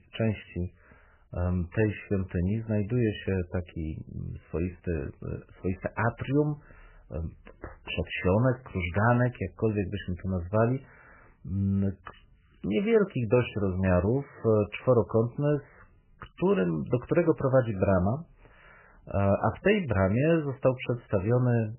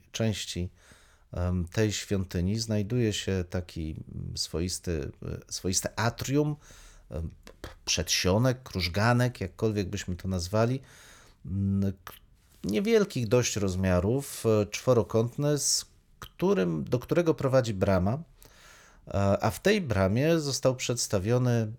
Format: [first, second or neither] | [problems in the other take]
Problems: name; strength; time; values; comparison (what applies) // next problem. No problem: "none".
second | garbled, watery; badly; nothing above 3 kHz